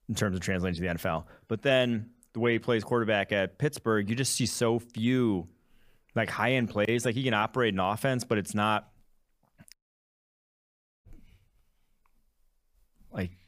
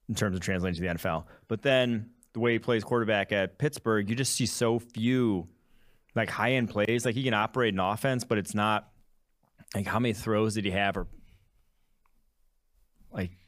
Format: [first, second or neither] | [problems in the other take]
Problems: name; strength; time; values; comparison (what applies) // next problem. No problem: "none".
second | audio cutting out; at 9.5 s for 1.5 s